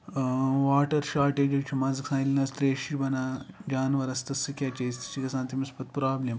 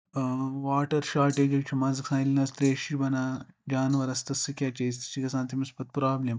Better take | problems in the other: first | noise reduction (neural mask model DeepFilterNet 3)

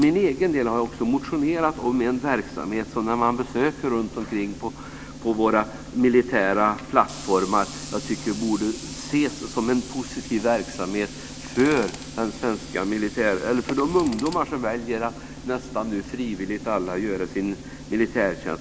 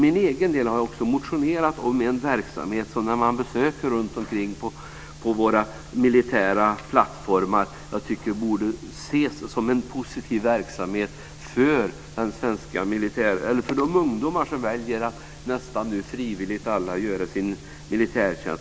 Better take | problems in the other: second | background sound (Tools); 15 dB below the speech

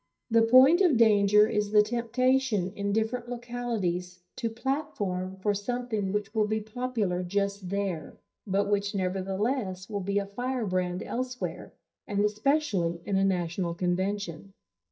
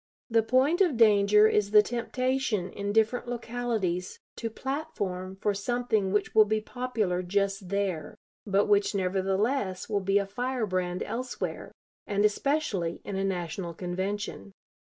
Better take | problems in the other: second | noise reduction (neural mask model DeepFilterNet 3)

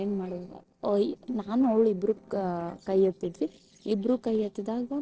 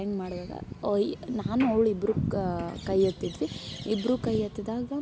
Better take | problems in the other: second | noise reduction (neural separator model SepFormer DNS4)

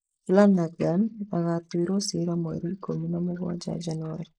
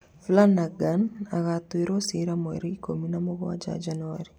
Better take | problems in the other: second | noise reduction (neural mask model Resemble Enhance denoiser)

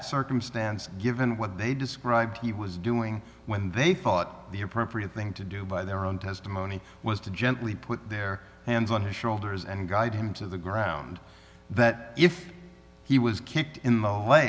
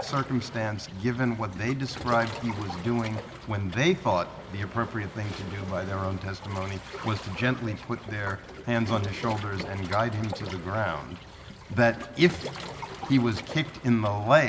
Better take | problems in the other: first | background sound (Waves, surf); 12 dB below the speech

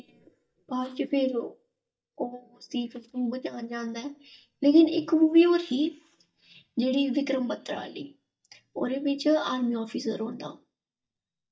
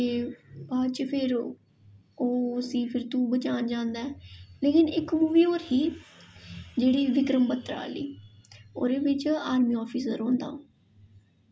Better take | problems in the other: second | noise reduction (neural mask model DeepFilterNet 3)

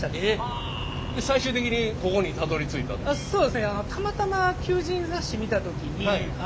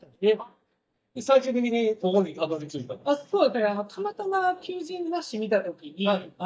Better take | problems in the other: first | noise reduction (neural mask model DeepFilterNet 3)

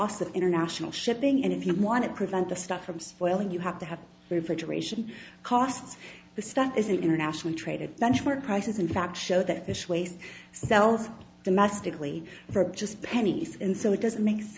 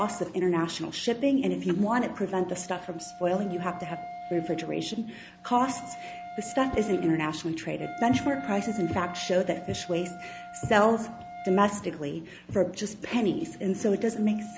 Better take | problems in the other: first | background sound (Whoosh, swoosh, swish + Wind instrument, woodwind instrument); 15 dB below the speech

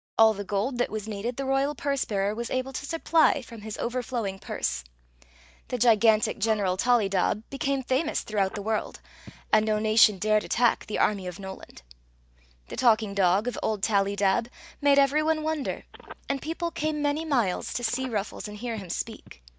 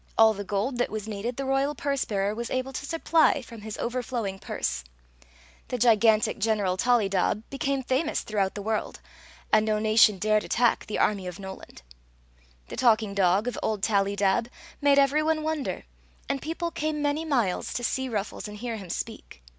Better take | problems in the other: second | noise reduction (neural mask model DeepFilterNet 3)

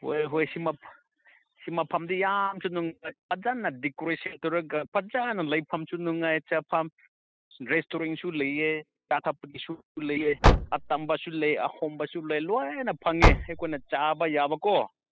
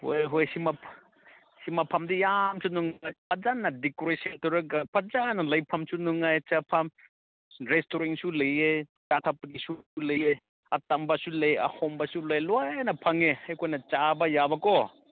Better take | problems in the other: second | noise reduction (classical method spectral subtraction)

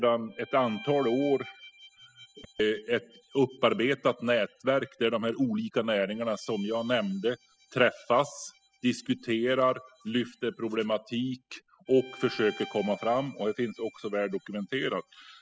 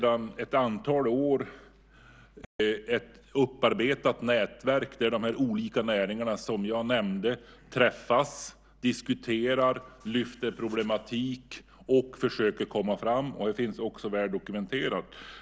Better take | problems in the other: second | noise reduction (classical method spectral subtraction)

